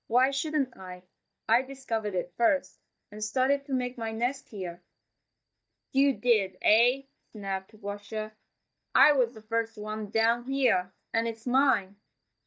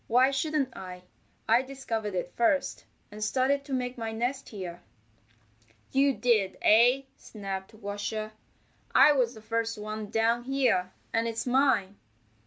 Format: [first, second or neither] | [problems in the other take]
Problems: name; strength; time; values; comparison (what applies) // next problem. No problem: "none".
second | noise reduction (neural mask model DeepFilterNet 3)